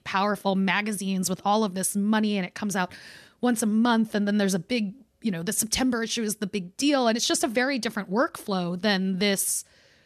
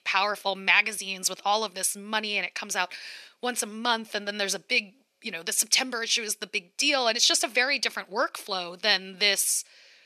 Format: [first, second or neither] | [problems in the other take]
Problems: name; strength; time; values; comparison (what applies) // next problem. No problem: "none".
first | thin; somewhat; fading below 500 Hz